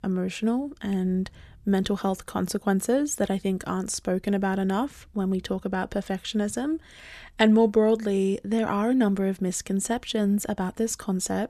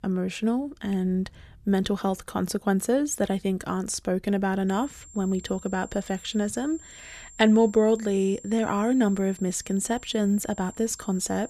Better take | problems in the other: first | high-pitched whine; noticeable; from 4.5 s on; 7.5 kHz, 20 dB below the speech

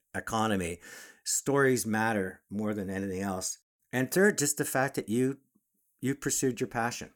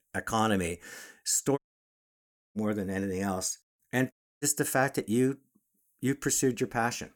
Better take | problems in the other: first | audio cutting out; at 1.5 s for 1 s and at 4 s

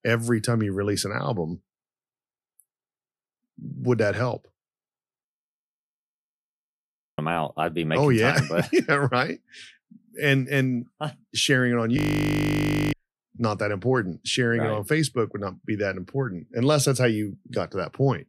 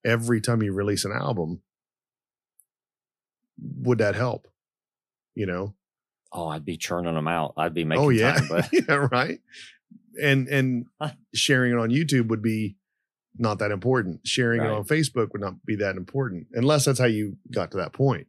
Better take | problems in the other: second | audio freezing; at 5.5 s for 2 s and at 12 s for 1 s

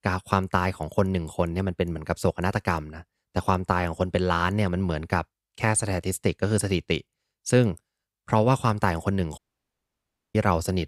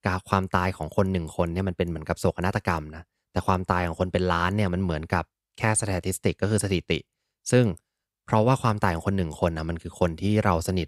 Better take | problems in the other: second | audio cutting out; at 9.5 s for 1 s

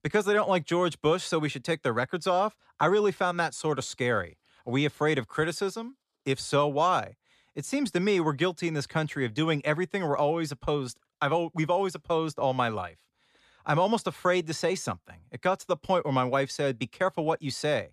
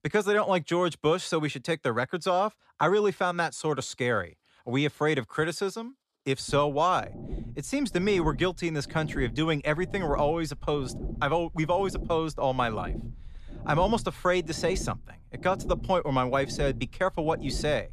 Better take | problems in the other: first | low rumble; noticeable; from 6.5 s on; 20 dB below the speech

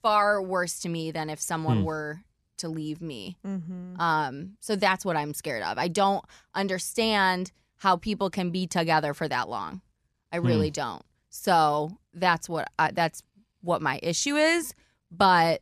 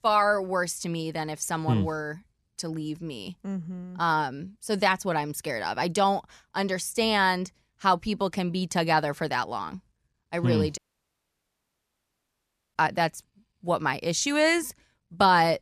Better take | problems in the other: first | audio cutting out; at 11 s for 2 s

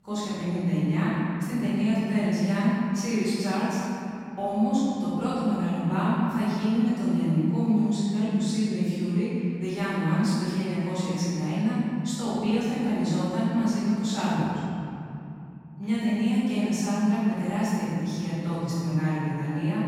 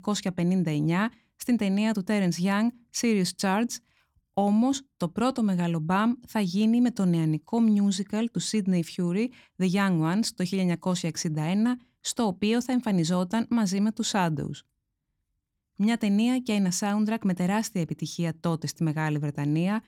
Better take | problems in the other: second | off-mic speech; far // room echo; strong; dies away in 3 s

